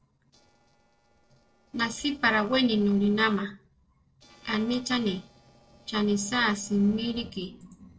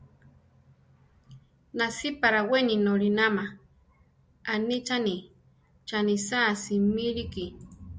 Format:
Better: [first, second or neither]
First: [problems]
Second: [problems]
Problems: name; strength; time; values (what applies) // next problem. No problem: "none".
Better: second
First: noise reduction (neural separator model SepFormer DNS4)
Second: none